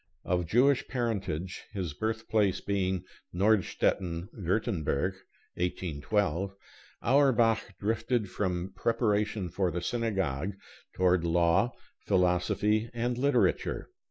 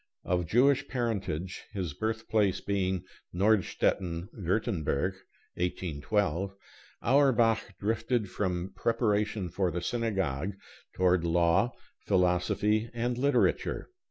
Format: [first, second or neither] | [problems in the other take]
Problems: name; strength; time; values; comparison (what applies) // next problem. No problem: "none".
second | noise reduction (neural mask model Resemble Enhance denoiser)